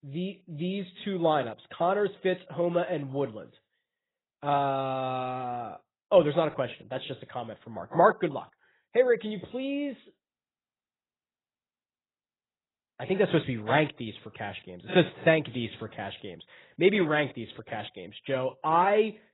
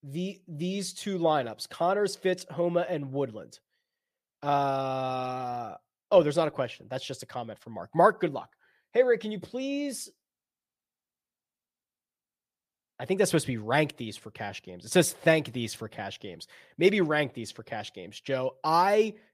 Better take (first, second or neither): second